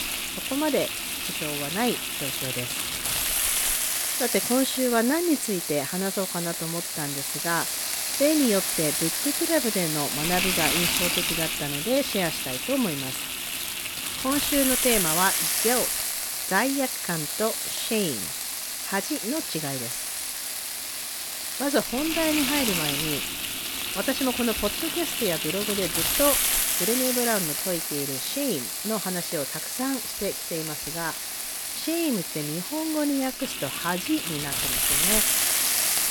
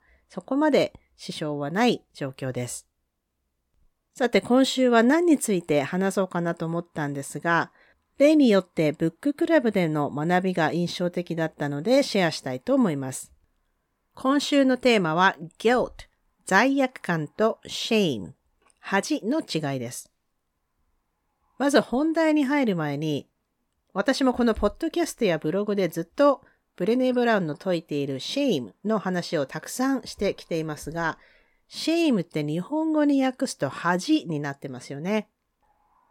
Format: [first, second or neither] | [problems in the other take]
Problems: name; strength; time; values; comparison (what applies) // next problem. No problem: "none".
second | household noises; very loud; throughout; 3 dB above the speech